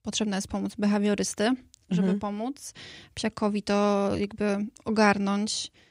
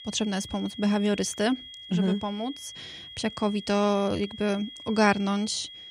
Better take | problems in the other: first | high-pitched whine; noticeable; throughout; 3.5 kHz, 15 dB below the speech

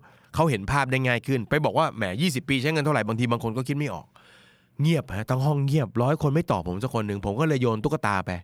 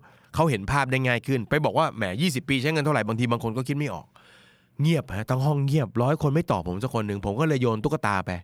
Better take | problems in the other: neither | none

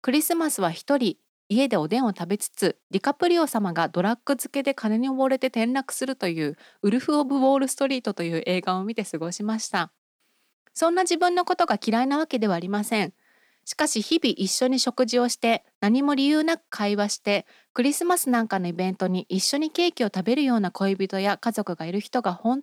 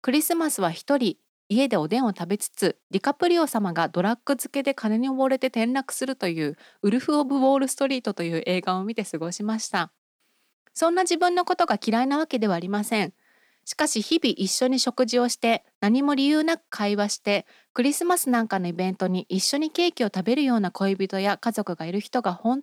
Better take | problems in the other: neither | none

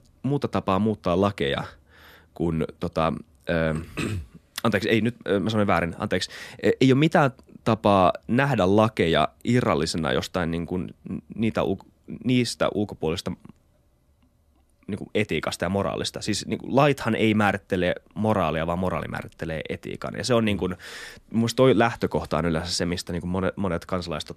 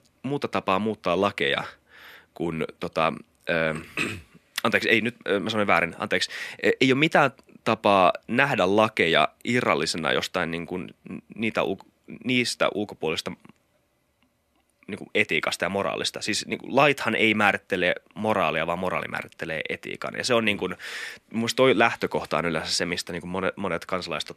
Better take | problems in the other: first | thin; very slightly; fading below 700 Hz

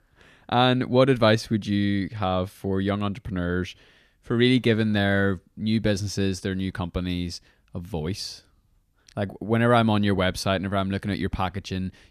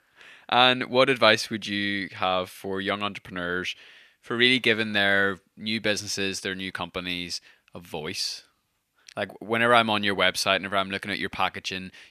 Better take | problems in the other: first | thin; somewhat; fading below 800 Hz

